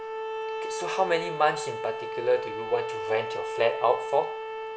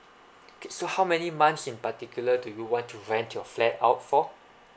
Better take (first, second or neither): second